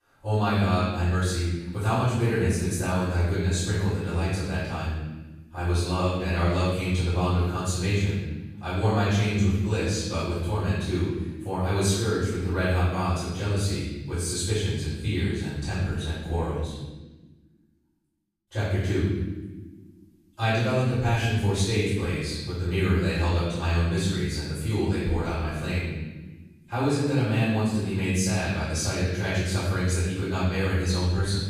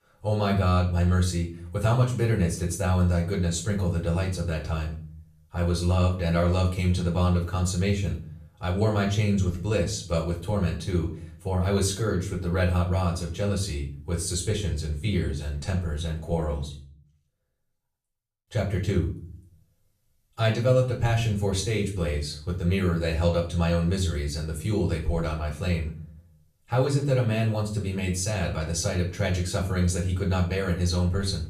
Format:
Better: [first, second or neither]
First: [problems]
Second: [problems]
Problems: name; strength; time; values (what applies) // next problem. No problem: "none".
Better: second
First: room echo; strong; dies away in 1.2 s // off-mic speech; far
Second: room echo; slight; dies away in 0.5 s // off-mic speech; far